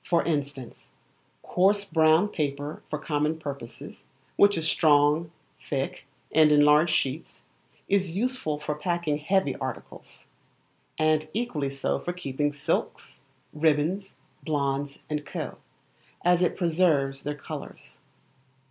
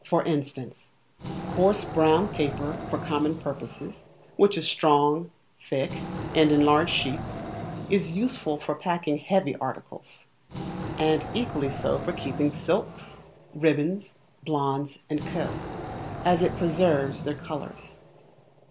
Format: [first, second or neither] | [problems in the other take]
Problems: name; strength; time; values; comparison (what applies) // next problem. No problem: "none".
first | background sound (Wild animals); 10 dB below the speech